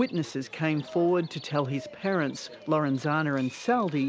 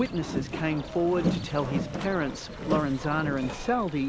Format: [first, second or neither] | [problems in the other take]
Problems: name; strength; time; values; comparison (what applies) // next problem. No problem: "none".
first | background sound (Boat, Water vehicle); 5 dB below the speech